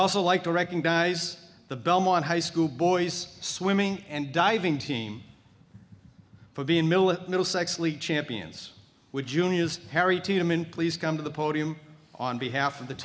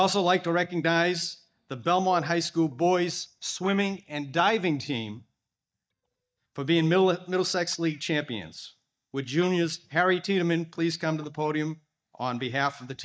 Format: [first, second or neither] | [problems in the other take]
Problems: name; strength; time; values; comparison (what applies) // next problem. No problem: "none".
first | noise reduction (neural mask model DeepFilterNet 3)